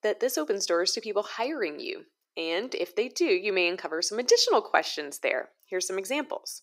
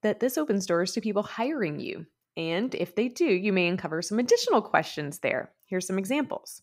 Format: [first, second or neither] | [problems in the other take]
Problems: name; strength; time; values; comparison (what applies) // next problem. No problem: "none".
second | thin; somewhat; fading below 350 Hz